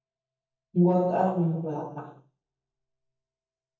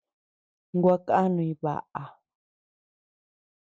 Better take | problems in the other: second | noise reduction (neural mask model DeepFilterNet 3)

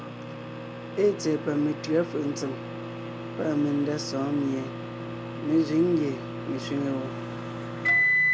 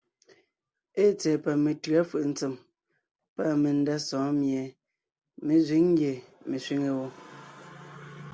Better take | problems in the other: second | background sound (Microwave oven); 2 dB below the speech

